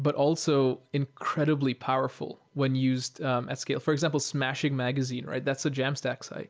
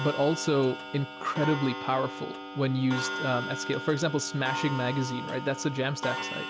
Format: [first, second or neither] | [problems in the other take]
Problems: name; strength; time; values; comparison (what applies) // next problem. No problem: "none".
first | background sound (Clock); 7 dB below the speech